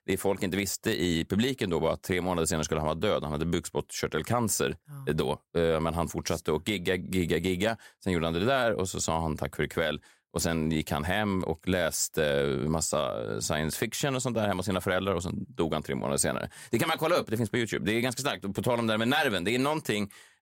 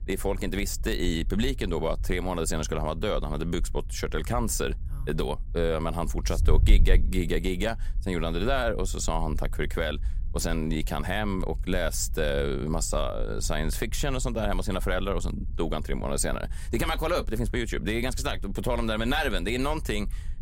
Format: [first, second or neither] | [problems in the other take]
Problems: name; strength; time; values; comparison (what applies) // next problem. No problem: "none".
first | wind noise on the microphone; occasional gusts; 25 dB below the speech